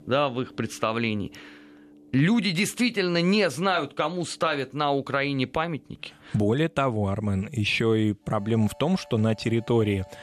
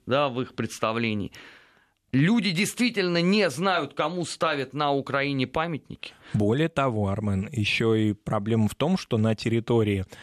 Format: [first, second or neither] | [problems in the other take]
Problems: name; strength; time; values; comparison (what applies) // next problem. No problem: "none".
second | background music; faint; throughout; 25 dB below the speech